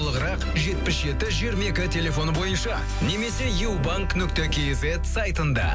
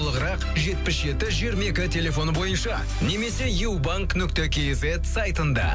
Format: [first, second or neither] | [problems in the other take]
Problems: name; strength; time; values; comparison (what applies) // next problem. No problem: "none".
second | background sound (Bowed string instrument + Zipper (clothing)); 15 dB below the speech